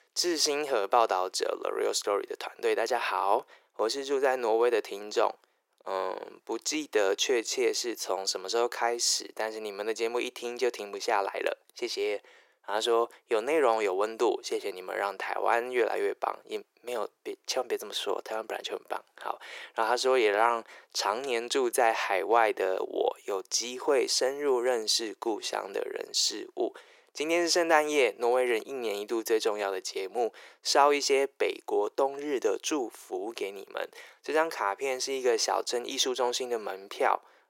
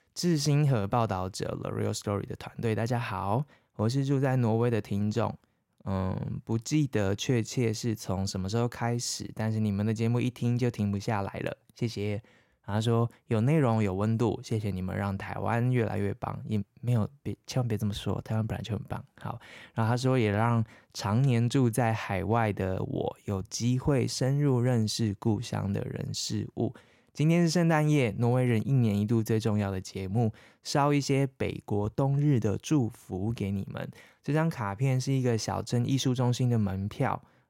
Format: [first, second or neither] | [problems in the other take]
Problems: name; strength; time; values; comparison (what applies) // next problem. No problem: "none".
second | thin; very; fading below 400 Hz